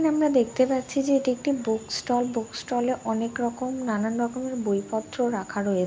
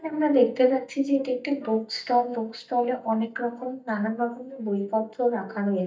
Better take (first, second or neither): first